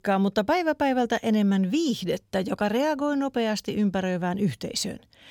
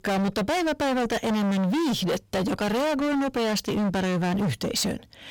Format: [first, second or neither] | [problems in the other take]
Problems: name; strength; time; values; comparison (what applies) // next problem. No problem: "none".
first | distortion; heavy; 42% of the sound clipped